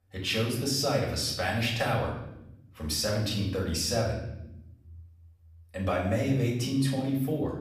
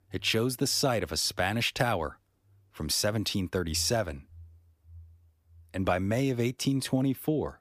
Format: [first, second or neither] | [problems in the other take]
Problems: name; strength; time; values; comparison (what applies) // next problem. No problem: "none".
second | off-mic speech; far // room echo; noticeable; dies away in 0.9 s